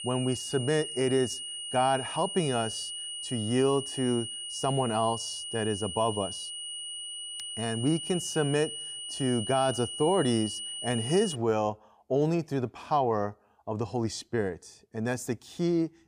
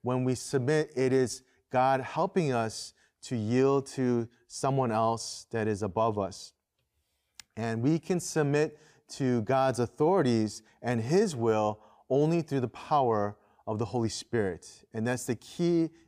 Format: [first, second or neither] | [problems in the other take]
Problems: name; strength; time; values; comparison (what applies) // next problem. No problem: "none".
second | high-pitched whine; loud; until 11 s; 3 kHz, 6 dB below the speech